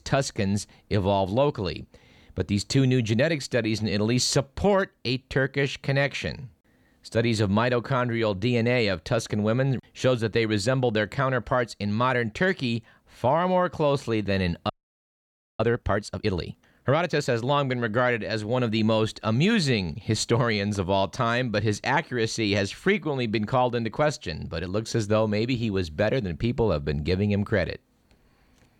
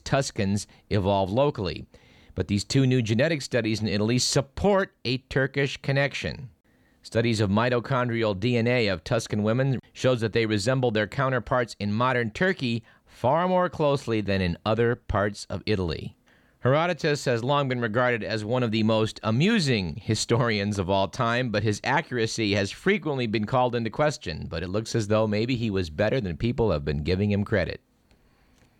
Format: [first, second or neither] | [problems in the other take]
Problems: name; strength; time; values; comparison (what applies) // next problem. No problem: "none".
second | audio freezing; at 15 s for 1 s